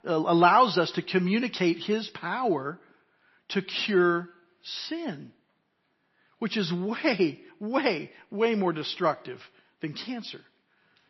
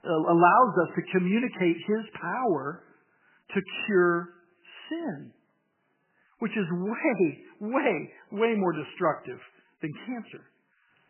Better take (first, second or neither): first